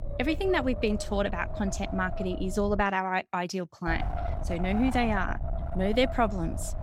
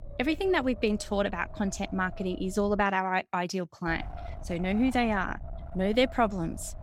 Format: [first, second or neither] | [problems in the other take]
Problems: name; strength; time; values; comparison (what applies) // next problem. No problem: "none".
second | wind noise on the microphone; heavy; until 3 s and from 4 s on; 10 dB below the speech; occasional gusts in the second